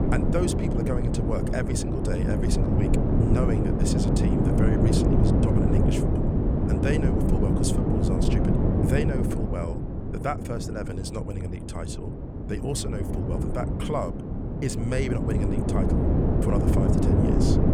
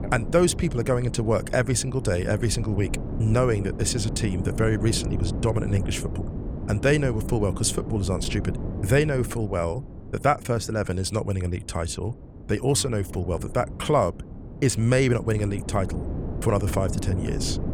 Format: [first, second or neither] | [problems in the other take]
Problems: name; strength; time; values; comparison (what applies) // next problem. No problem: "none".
second | wind noise on the microphone; heavy; 3 dB above the speech; occasional gusts in the second